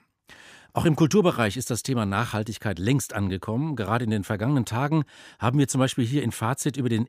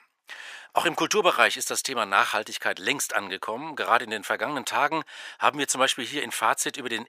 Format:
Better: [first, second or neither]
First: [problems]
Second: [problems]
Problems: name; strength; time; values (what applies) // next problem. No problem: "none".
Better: first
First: none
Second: thin; very; fading below 650 Hz